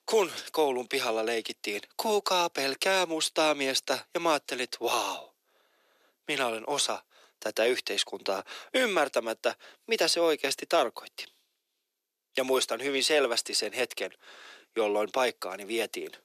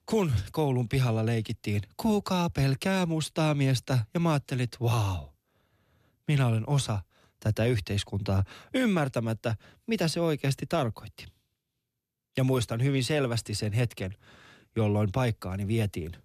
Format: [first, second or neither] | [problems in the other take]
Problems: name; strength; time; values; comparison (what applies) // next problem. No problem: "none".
second | thin; very; fading below 350 Hz